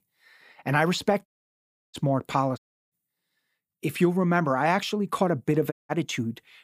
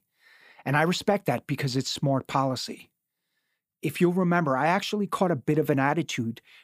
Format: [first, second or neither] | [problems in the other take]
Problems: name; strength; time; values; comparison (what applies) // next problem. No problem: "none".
second | audio cutting out; at 1.5 s for 0.5 s, at 2.5 s and at 5.5 s